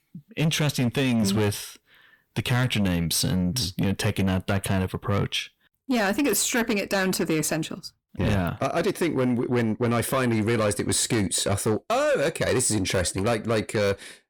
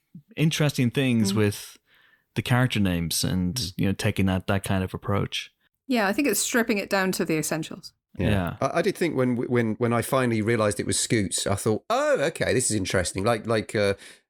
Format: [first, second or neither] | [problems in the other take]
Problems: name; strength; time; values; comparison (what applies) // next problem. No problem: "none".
second | distortion; slight; 10 dB below the speech